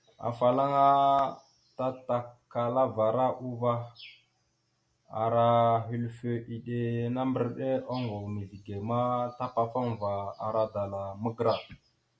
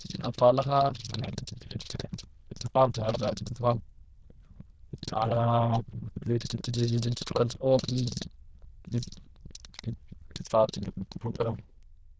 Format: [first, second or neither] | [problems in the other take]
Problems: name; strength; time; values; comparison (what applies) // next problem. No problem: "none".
first | noise reduction (neural diffusion model UNIVERSE++)